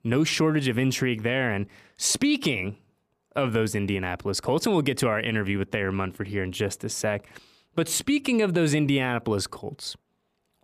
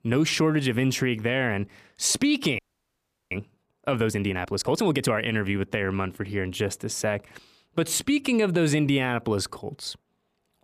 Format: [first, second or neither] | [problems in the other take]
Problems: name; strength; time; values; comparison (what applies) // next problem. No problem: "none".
first | audio freezing; at 2.5 s for 0.5 s